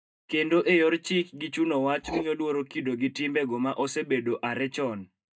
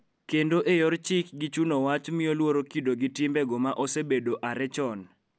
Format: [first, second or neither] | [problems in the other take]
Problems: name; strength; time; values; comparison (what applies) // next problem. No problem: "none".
second | noise reduction (neural mask model DeepFilterNet 3)